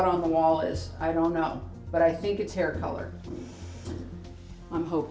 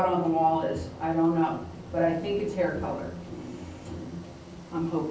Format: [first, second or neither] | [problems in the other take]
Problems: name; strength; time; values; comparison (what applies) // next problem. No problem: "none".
first | background sound (Engine); 18 dB below the speech // room echo; dies away in 0.6 s